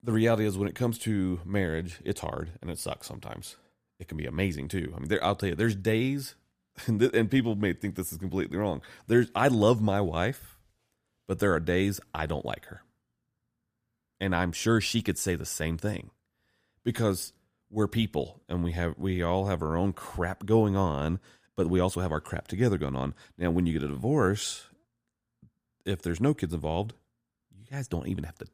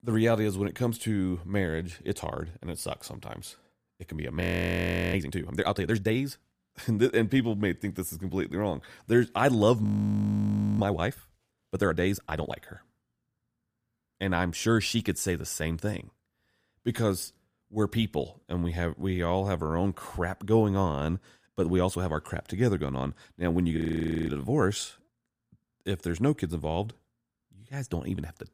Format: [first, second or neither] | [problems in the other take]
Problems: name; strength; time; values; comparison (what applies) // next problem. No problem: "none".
first | audio freezing; at 4.5 s for 0.5 s, at 10 s for 1 s and at 24 s for 0.5 s